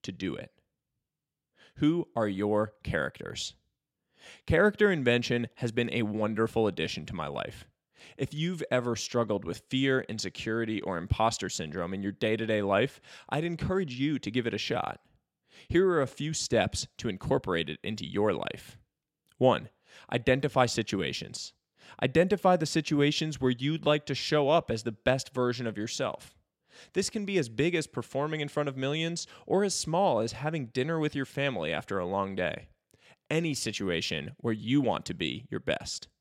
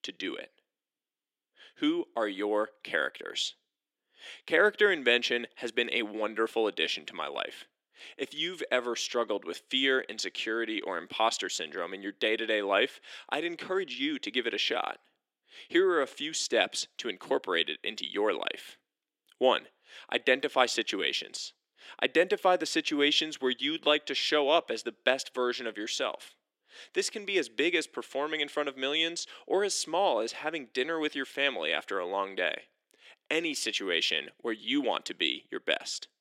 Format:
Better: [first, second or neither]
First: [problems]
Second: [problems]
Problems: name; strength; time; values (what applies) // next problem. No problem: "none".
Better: first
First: none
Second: thin; somewhat; fading below 300 Hz